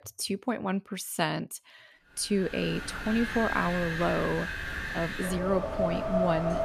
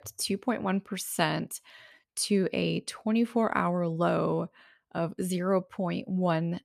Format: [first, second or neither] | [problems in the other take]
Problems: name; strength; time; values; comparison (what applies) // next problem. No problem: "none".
second | wind in the background; loud; from 2.5 s on; 3 dB below the speech